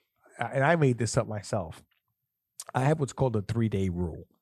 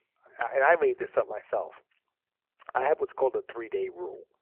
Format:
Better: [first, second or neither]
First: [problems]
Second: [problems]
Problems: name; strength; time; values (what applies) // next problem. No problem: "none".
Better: first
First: none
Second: phone-call audio